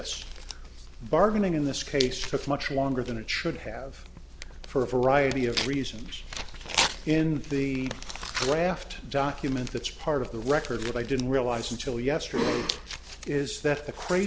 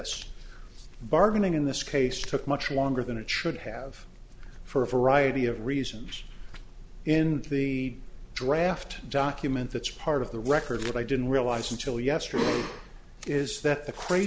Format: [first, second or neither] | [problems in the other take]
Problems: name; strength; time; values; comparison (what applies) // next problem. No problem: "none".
second | background sound (Tearing); 10 dB below the speech